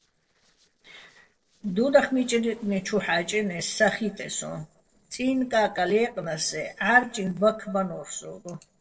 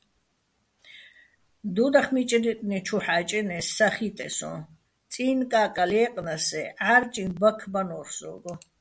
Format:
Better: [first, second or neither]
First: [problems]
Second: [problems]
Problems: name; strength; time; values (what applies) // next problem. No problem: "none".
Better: second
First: noise reduction (neural separator model SepFormer DNS4)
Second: none